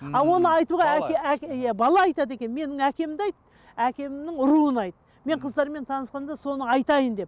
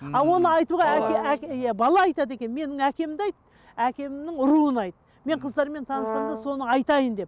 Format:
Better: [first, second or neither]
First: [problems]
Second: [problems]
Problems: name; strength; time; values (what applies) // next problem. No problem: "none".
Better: first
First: none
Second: background sound (Brass instrument); 8 dB below the speech